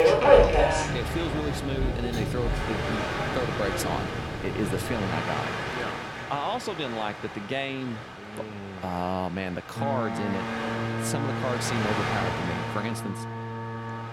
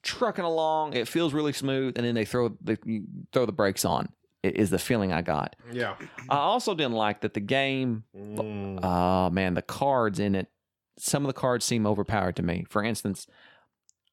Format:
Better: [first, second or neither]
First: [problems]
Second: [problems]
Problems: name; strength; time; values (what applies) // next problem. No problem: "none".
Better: second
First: train or aircraft noise; very loud; throughout; 4 dB above the speech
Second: none